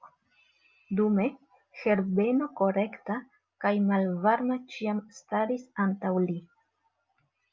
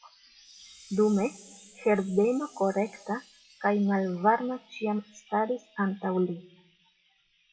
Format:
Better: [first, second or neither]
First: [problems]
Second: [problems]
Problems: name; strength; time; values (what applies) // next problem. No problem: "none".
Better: first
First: none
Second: noise reduction (classical method WPE with log-MMSE)